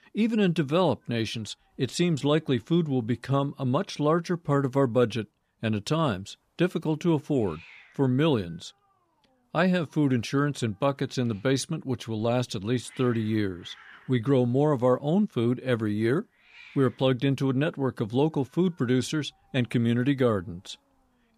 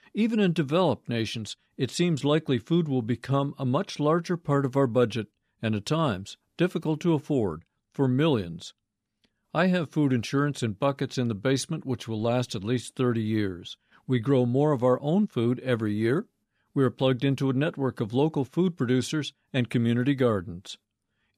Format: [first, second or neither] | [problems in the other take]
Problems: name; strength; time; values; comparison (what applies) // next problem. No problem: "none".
second | hiss; faint; throughout; 30 dB below the speech